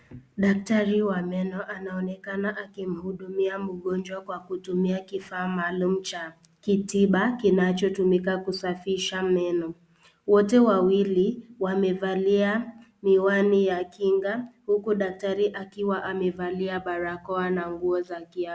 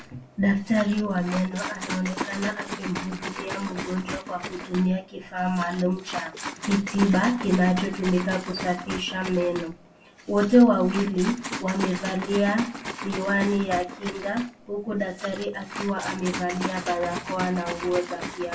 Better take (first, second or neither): first